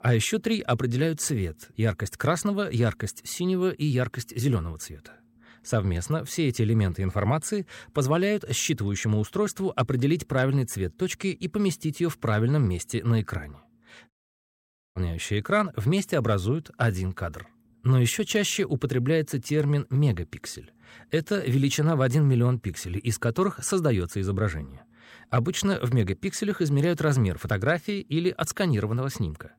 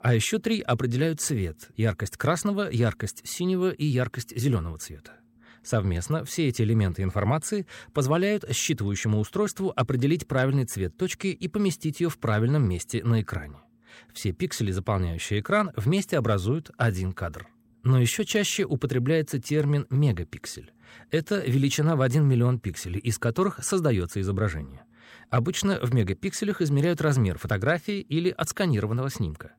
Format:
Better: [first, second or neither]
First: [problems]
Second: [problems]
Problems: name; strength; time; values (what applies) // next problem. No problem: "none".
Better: second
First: audio cutting out; at 14 s for 1 s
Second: none